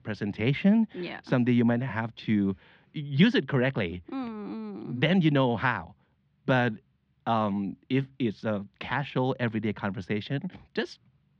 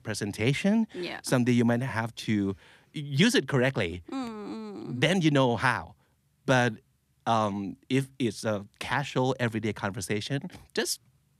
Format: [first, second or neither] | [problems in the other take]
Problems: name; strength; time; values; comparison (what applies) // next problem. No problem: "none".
second | muffled; slightly; fading above 3.5 kHz